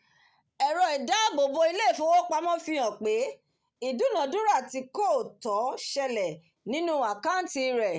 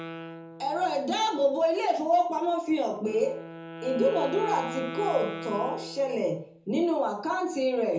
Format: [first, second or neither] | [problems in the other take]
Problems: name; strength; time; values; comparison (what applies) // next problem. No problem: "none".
first | background sound (Wind instrument, woodwind instrument); 14 dB below the speech // room echo; dies away in 0.5 s